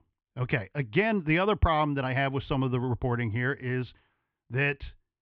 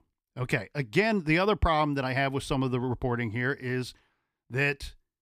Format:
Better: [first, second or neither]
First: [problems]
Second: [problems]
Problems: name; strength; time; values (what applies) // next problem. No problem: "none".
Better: second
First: muffled; very; fading above 3.5 kHz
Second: none